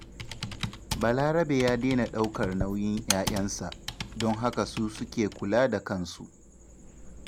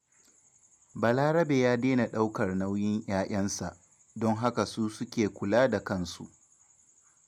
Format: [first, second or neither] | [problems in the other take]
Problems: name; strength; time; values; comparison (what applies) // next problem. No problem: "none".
second | background sound (Computer keyboard); 9 dB below the speech